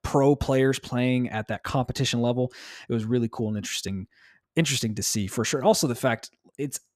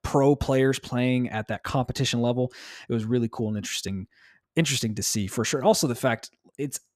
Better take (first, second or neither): neither